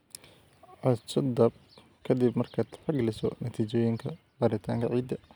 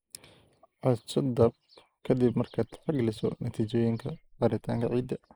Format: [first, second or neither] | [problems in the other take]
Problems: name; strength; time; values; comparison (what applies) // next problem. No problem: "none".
first | noise reduction (neural mask model Resemble Enhance denoiser)